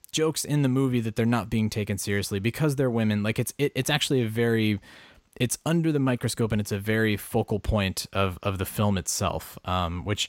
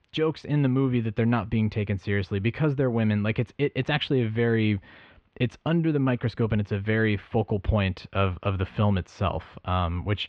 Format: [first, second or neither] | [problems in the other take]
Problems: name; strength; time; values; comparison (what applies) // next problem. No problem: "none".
first | muffled; very; fading above 3 kHz